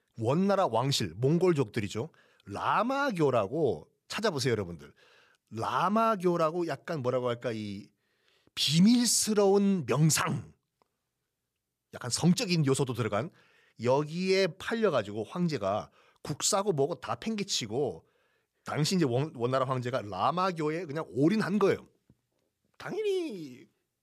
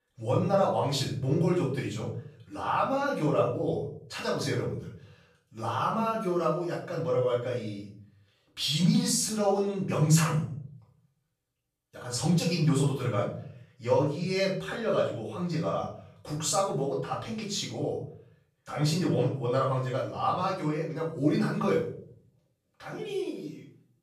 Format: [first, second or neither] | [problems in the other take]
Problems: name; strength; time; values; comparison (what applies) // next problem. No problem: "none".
first | off-mic speech; far // room echo; noticeable; dies away in 0.5 s